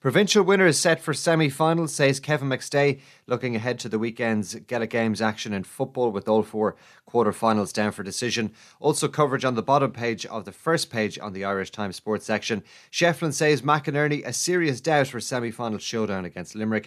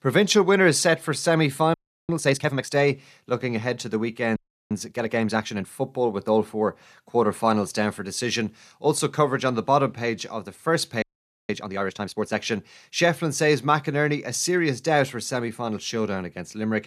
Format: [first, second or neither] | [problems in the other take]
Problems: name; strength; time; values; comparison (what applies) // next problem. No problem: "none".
first | audio freezing; at 1.5 s, at 4.5 s and at 11 s